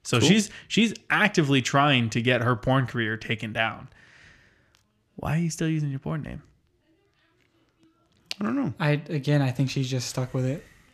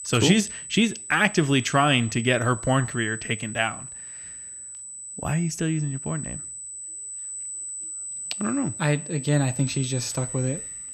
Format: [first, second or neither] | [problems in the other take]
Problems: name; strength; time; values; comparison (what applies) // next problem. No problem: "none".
first | high-pitched whine; loud; throughout; 8 kHz, 9 dB below the speech